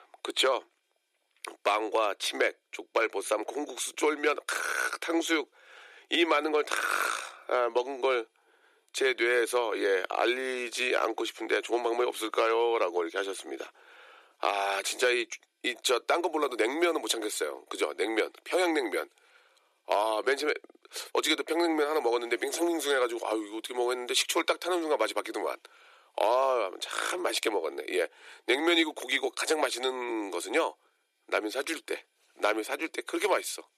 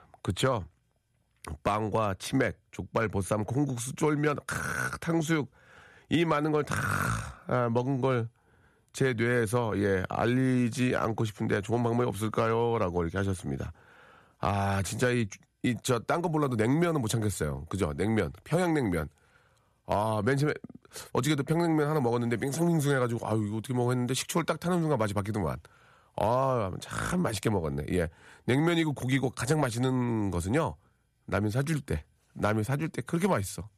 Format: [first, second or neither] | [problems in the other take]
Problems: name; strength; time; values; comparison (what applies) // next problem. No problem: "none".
second | thin; very; fading below 350 Hz